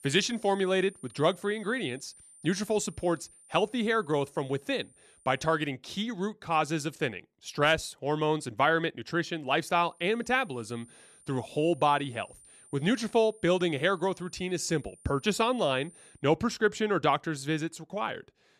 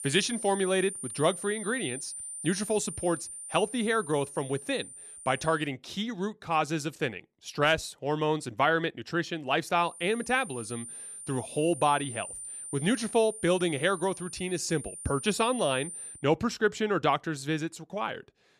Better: first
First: high-pitched whine; faint; until 5.5 s and from 10 to 16 s; 9 kHz, 25 dB below the speech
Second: high-pitched whine; loud; until 5.5 s and from 10 to 16 s; 9 kHz, 10 dB below the speech

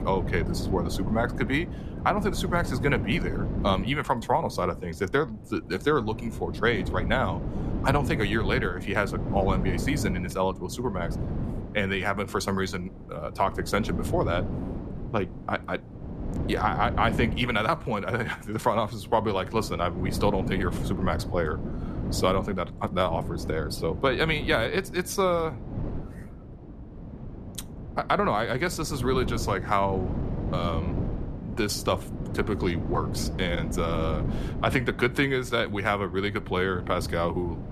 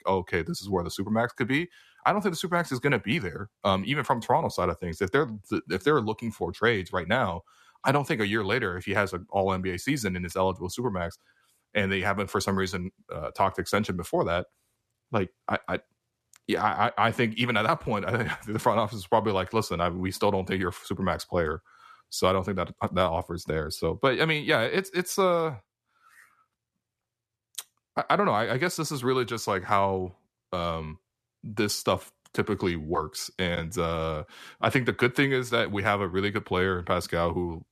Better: second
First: wind noise on the microphone; occasional gusts; 15 dB below the speech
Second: none

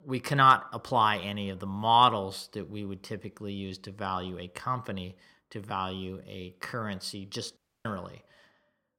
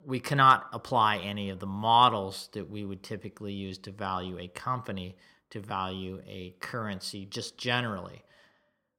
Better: second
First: audio cutting out; at 7.5 s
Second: none

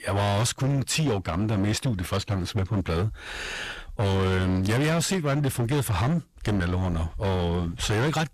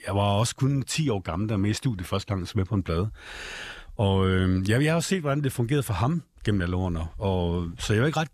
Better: second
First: distortion; heavy; 23% of the sound clipped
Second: none

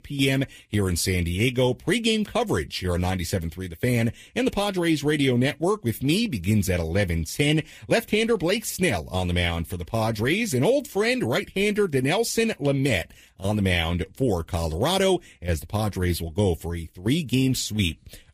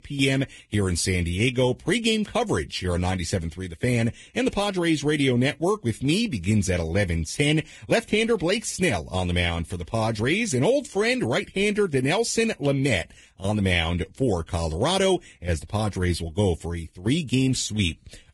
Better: first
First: garbled, watery; slightly; nothing above 15 kHz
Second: garbled, watery; badly; nothing above 11 kHz

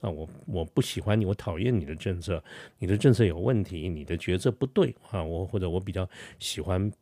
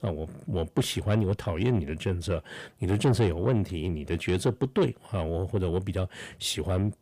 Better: first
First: none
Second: distortion; slight; 10 dB below the speech

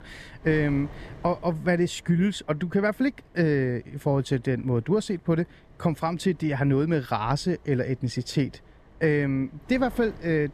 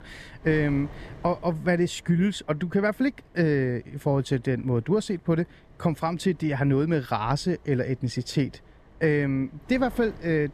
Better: neither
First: wind noise on the microphone; occasional gusts; 25 dB below the speech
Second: wind noise on the microphone; occasional gusts; 25 dB below the speech

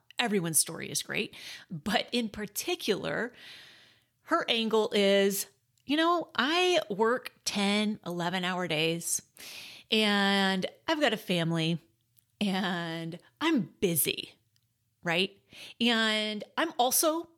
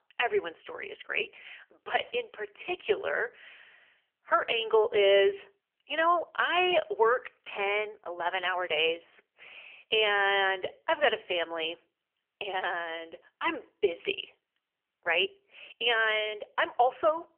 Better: first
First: none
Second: phone-call audio; poor line; nothing above 3 kHz

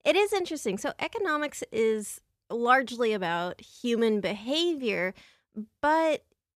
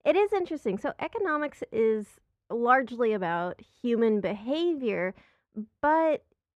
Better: first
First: none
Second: muffled; very; fading above 3 kHz

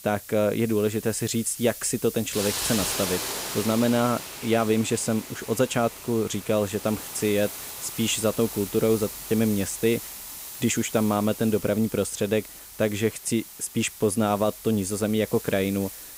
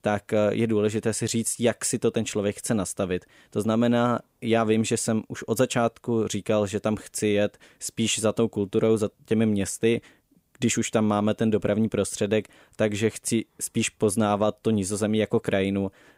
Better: second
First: hiss; loud; throughout; 9 dB below the speech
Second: none

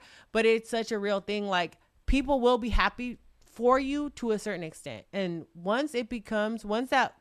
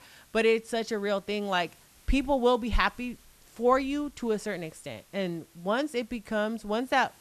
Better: first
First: none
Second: hiss; faint; throughout; 30 dB below the speech

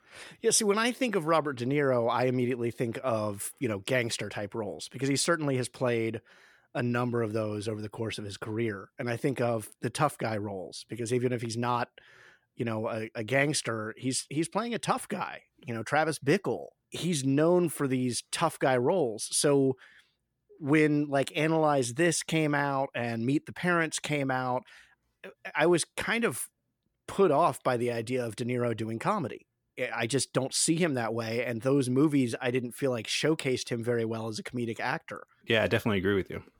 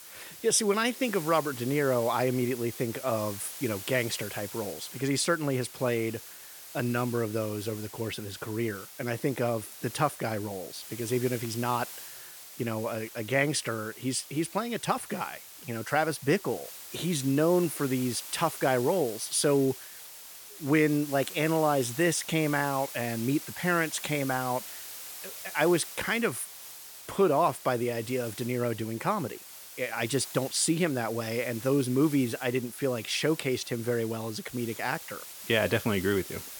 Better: first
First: none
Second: hiss; noticeable; throughout; 10 dB below the speech

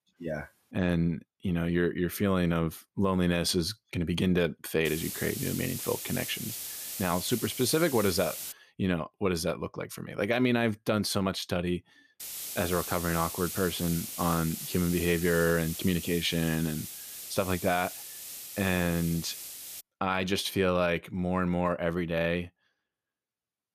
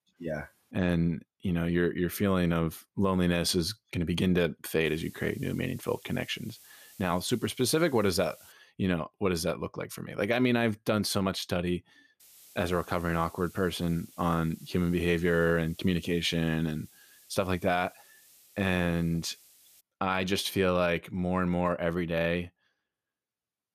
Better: second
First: hiss; loud; from 5 to 8.5 s and from 12 to 20 s; 7 dB below the speech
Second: hiss; faint; from 5 to 8.5 s and from 12 to 20 s; 25 dB below the speech

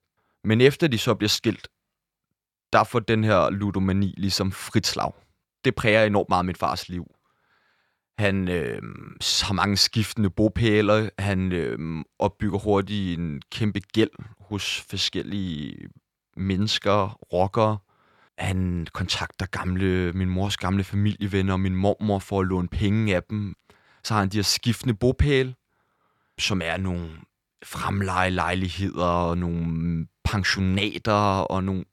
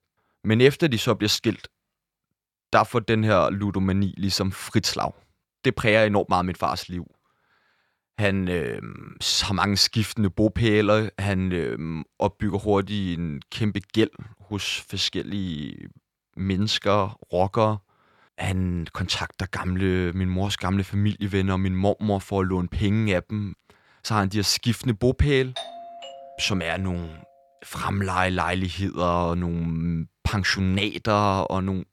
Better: first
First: none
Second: doorbell; faint; from 26 to 27 s; peak 10 dB below the speech

